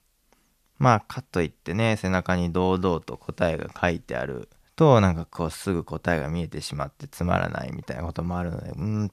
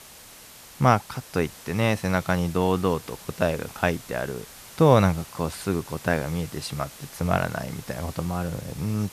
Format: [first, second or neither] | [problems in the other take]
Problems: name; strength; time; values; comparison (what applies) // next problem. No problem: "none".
first | hiss; noticeable; throughout; 15 dB below the speech